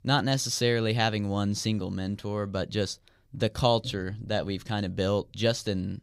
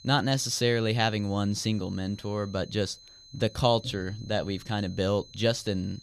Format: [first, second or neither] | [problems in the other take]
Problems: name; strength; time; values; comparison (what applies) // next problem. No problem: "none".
first | high-pitched whine; faint; throughout; 4 kHz, 20 dB below the speech